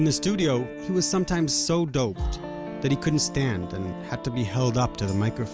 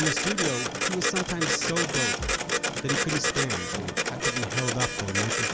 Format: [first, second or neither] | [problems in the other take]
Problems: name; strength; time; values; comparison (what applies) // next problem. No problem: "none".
first | background sound (Printer); 4 dB above the speech